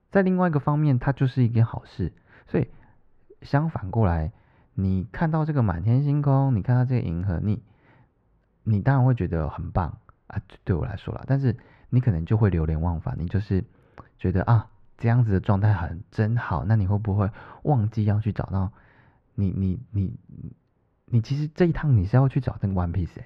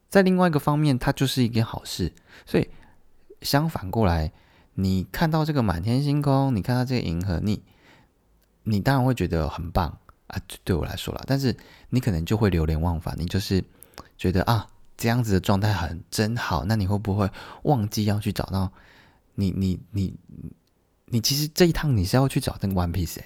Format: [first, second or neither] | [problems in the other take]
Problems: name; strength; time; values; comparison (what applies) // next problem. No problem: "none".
second | muffled; very; fading above 1.5 kHz